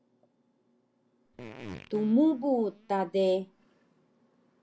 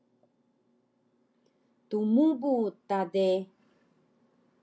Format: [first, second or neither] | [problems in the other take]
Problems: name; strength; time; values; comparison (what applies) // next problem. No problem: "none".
second | background sound (Fart); 17 dB below the speech